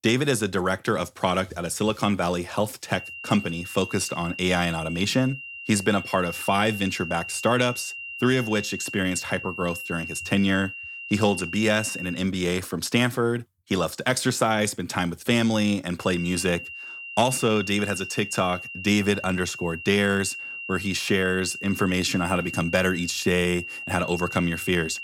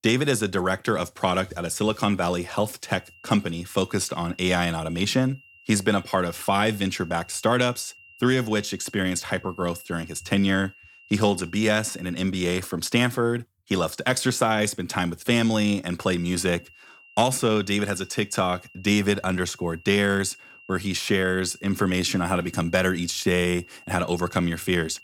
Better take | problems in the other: second | high-pitched whine; loud; from 3 to 12 s and from 16 s on; 3 kHz, 9 dB below the speech; faint in the second

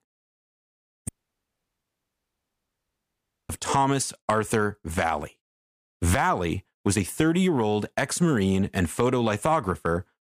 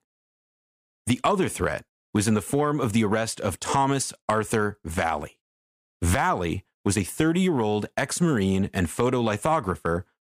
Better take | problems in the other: second | audio cutting out; at 1 s for 2.5 s

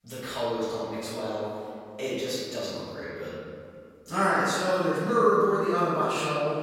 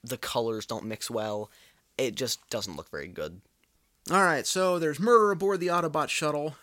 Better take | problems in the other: second | off-mic speech; far // room echo; strong; dies away in 2.1 s

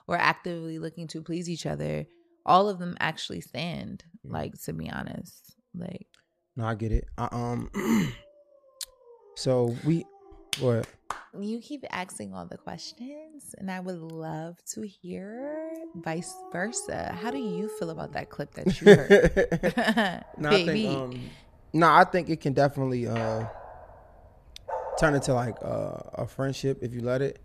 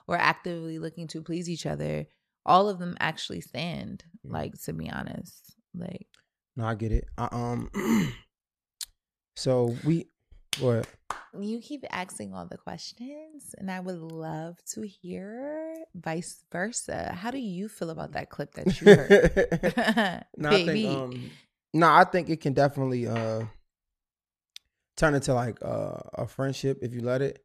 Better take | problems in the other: second | animal sounds; noticeable; throughout; 15 dB below the speech

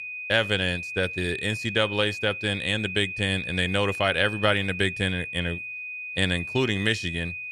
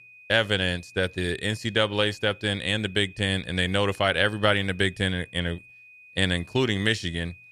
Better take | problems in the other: second | high-pitched whine; loud; throughout; 2.5 kHz, 7 dB below the speech; faint in the second

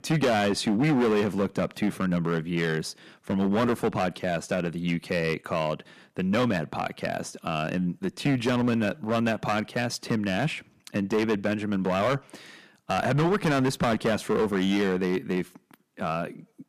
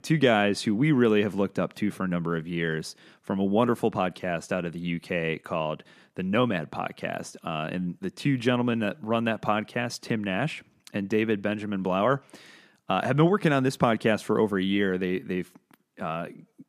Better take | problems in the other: second | distortion; heavy; 9% of the sound clipped

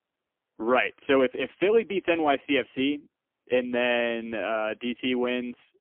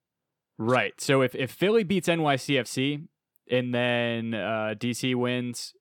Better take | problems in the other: second | phone-call audio; poor line; nothing above 3.5 kHz

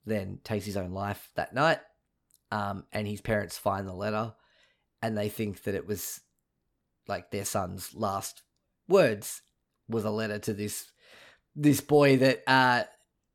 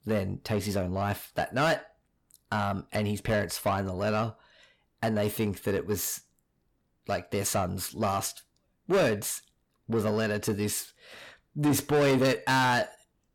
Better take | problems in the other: first | distortion; heavy; 7 dB below the speech

